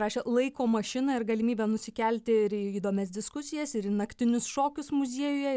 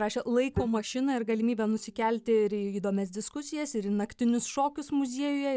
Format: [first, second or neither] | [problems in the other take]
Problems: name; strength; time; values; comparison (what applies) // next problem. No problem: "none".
first | noise reduction (neural mask model DeepFilterNet 3)